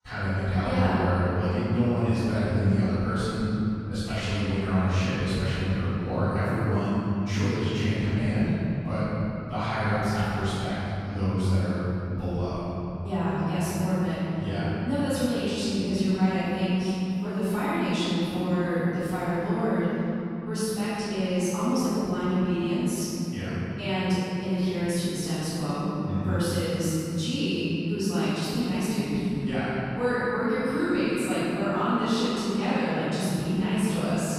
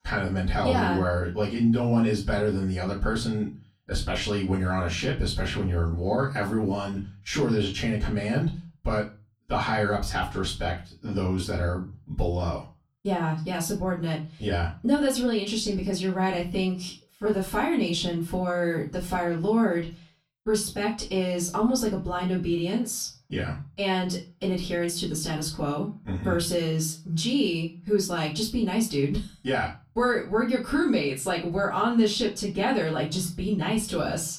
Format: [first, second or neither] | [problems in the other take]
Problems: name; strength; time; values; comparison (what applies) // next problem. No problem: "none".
second | room echo; strong; dies away in 3 s; slight in the second // off-mic speech; far; far in the second